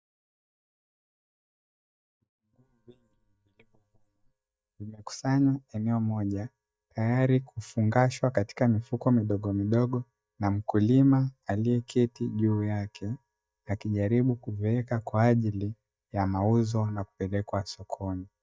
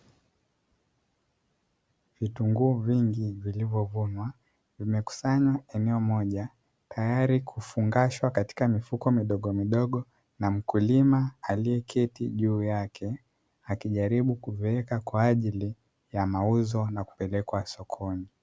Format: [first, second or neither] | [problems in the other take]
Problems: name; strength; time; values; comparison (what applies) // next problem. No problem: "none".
second | noise reduction (neural mask model DeepFilterNet 3)